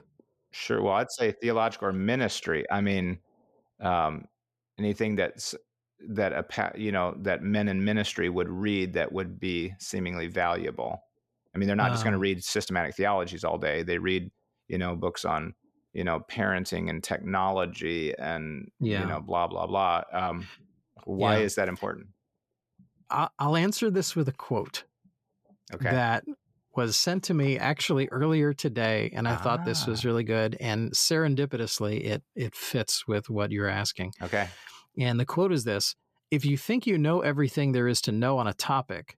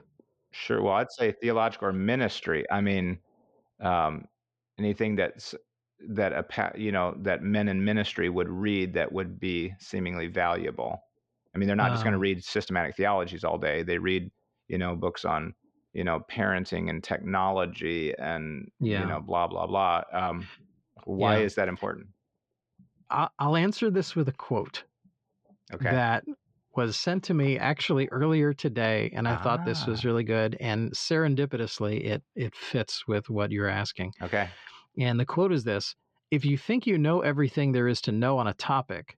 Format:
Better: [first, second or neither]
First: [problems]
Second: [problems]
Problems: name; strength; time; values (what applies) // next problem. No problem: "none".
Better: first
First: none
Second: muffled; very slightly; fading above 4 kHz